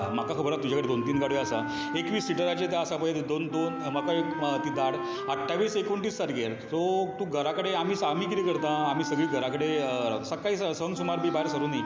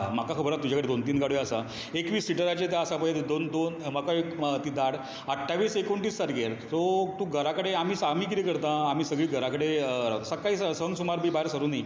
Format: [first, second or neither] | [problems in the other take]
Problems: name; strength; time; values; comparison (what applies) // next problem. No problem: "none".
second | background sound (Wind instrument, woodwind instrument); 7 dB below the speech